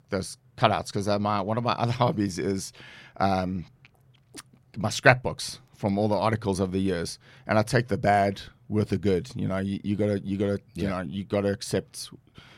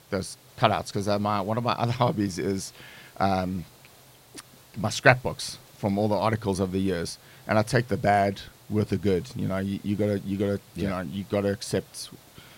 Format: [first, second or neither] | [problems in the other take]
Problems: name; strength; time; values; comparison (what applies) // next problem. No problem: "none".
first | hiss; faint; throughout; 25 dB below the speech